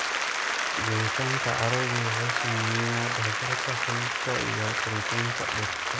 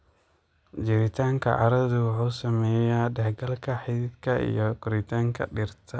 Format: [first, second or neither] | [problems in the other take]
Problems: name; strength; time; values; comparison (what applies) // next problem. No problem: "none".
second | background sound (Applause); 4 dB above the speech